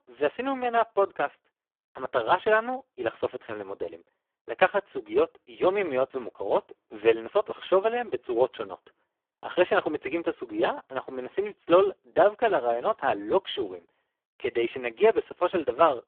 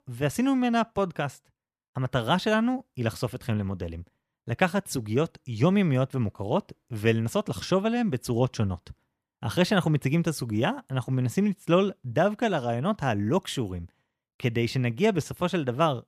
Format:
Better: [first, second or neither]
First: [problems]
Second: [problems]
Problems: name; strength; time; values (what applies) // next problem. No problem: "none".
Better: second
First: phone-call audio; poor line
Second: none